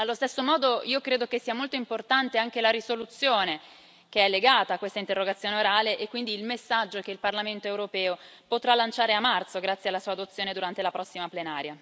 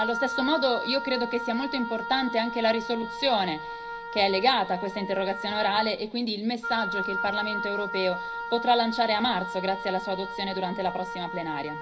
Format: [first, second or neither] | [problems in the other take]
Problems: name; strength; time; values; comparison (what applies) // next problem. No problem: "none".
first | background sound (Wind instrument, woodwind instrument); 6 dB below the speech // room echo; dies away in 0.5 s